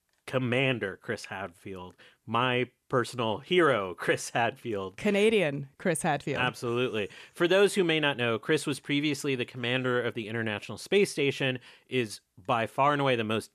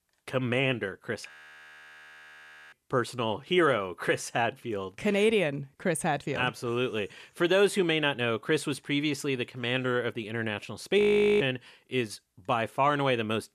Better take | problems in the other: first | audio freezing; at 1.5 s for 1.5 s and at 11 s

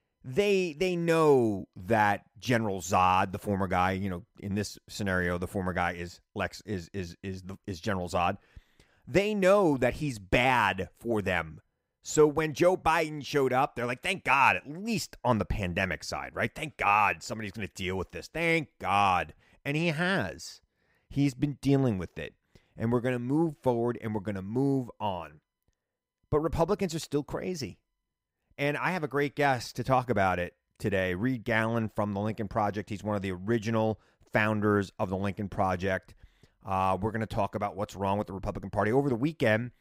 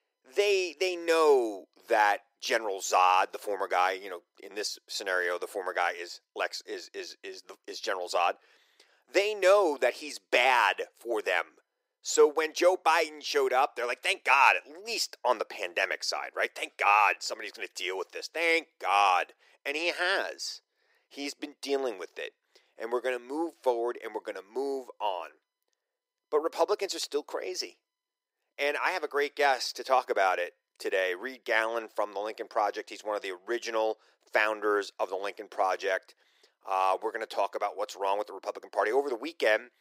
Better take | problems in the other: first | thin; very; fading below 350 Hz

